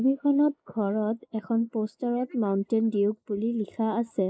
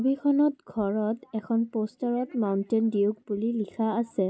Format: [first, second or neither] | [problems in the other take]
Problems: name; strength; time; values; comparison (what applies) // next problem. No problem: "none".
second | noise reduction (neural mask model Resemble Enhance denoiser)